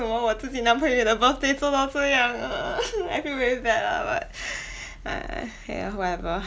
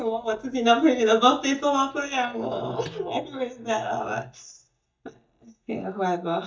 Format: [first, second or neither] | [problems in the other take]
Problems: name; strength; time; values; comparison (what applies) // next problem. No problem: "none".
first | noise reduction (neural mask model DeepFilterNet 3)